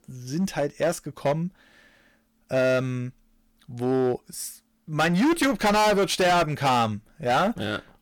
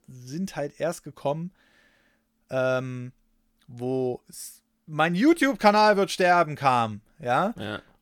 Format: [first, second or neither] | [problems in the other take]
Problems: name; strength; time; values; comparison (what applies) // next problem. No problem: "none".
second | distortion; heavy; 12% of the sound clipped